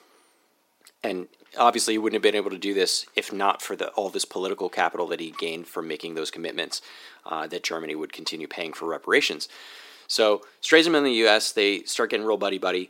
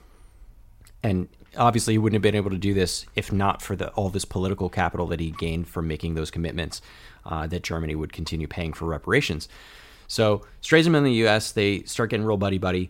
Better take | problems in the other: second | thin; somewhat; fading below 300 Hz

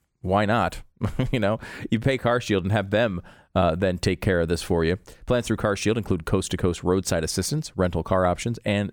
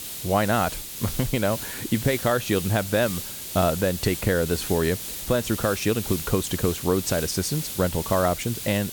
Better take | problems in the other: first | hiss; loud; throughout; 7 dB below the speech

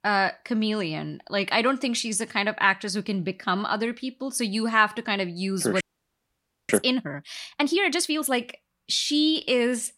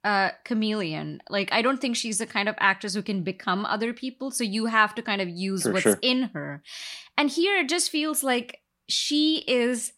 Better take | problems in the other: second | audio freezing; at 6 s for 1 s

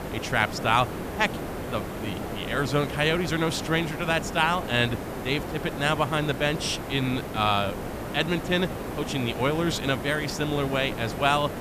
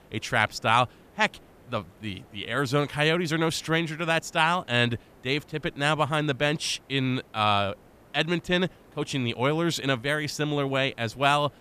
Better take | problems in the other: second | hiss; loud; throughout; 7 dB below the speech; faint in the second

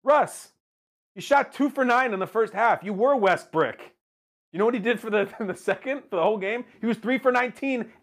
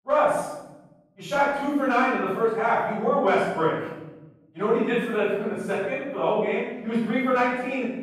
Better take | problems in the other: first | off-mic speech; far // room echo; strong; dies away in 1.1 s

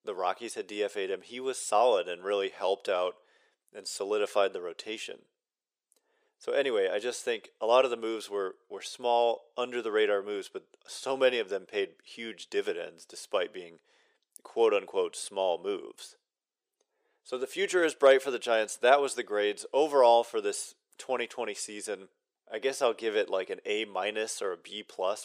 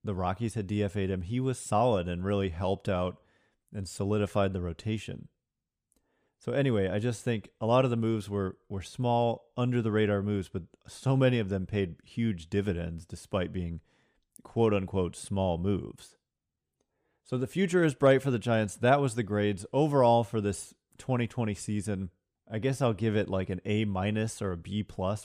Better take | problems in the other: second | thin; very; fading below 400 Hz

